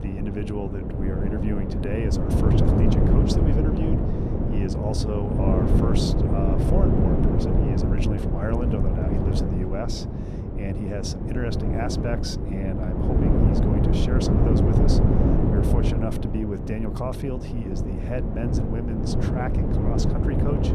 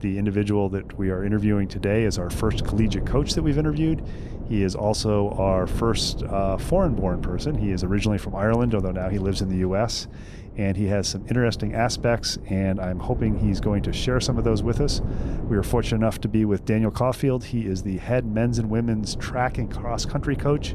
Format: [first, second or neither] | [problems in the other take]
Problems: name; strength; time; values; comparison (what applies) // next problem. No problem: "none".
second | wind noise on the microphone; heavy; 3 dB above the speech; occasional gusts in the second